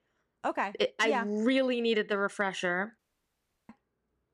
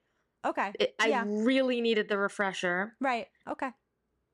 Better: second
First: audio cutting out; at 3 s for 0.5 s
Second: none

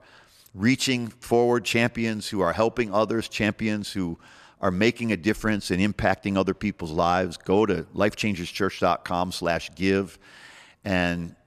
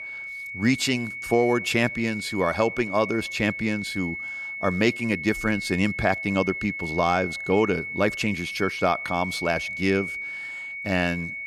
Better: first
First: none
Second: high-pitched whine; loud; throughout; 2 kHz, 6 dB below the speech

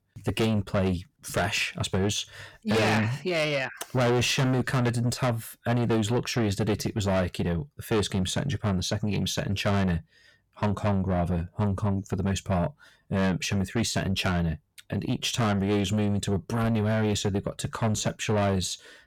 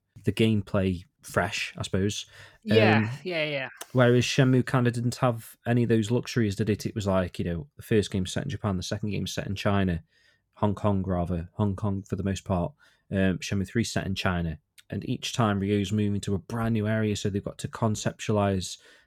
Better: second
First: distortion; heavy; 6 dB below the speech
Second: none

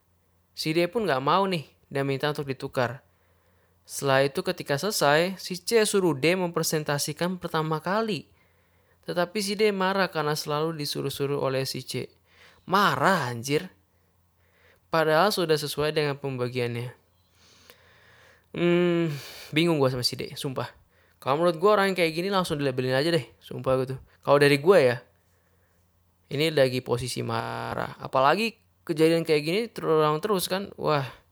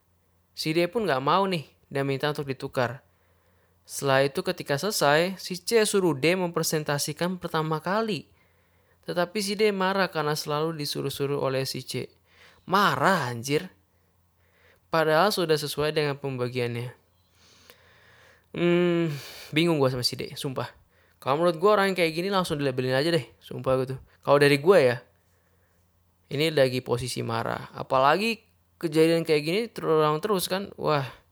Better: second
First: audio freezing; at 27 s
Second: none

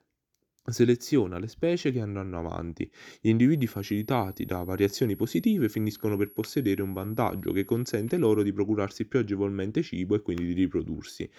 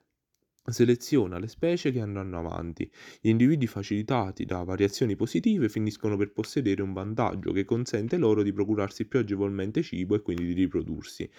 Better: second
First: high-pitched whine; faint; from 3.5 to 8.5 s; 11.5 kHz, 20 dB below the speech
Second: none

